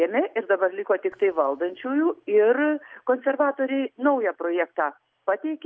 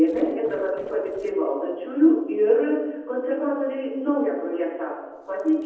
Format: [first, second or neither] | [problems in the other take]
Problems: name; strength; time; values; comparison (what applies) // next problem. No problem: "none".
first | noise reduction (neural separator model SepFormer DNS4)